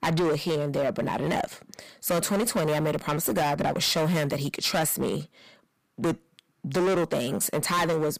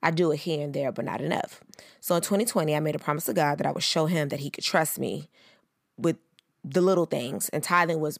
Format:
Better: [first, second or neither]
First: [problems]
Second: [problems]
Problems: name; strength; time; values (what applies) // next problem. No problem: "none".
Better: second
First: distortion; heavy; 17% of the sound clipped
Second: none